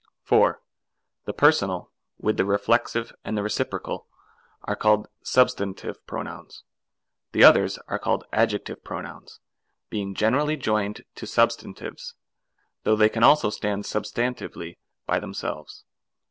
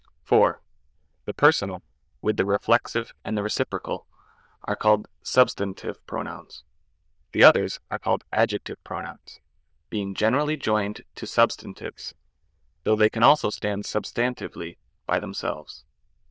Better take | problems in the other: first | noise reduction (neural diffusion model UNIVERSE++)

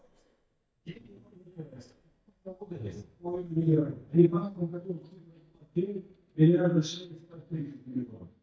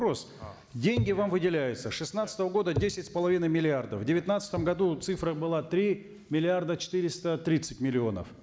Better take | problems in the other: second | noise reduction (neural mask model DeepFilterNet 3)

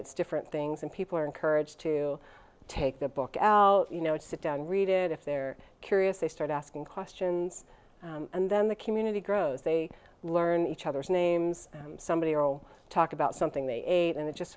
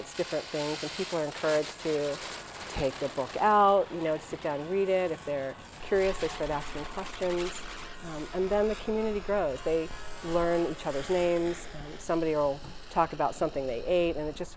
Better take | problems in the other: first | background sound (Fire + Church bell); 11 dB below the speech

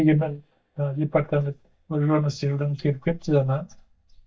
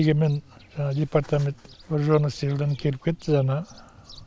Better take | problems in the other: second | noise reduction (neural mask model DeepFilterNet 3)

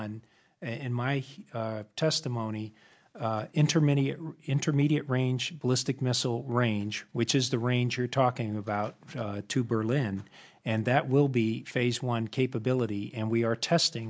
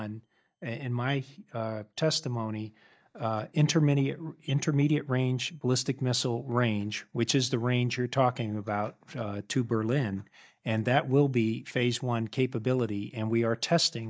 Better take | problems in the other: first | noise reduction (neural mask model DeepFilterNet 3)

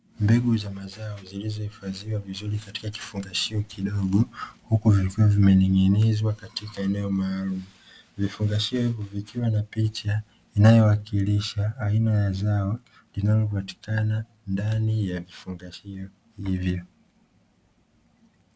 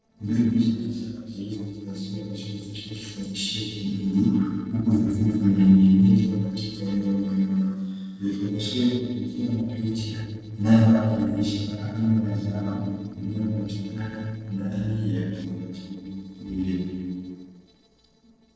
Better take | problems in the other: first | noise reduction (neural separator model SepFormer DNS4)

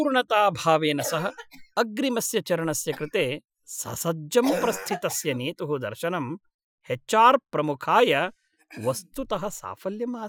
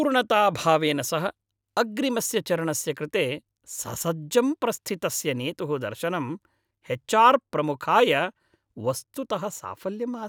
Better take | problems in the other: second | noise reduction (classical method Wiener filter)

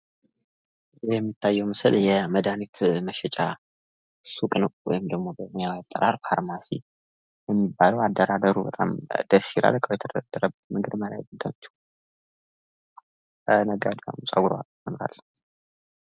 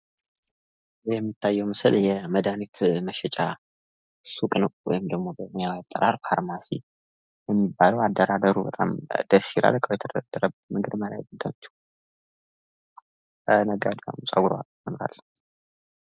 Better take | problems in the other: first | noise reduction (neural mask model DeepFilterNet 3)

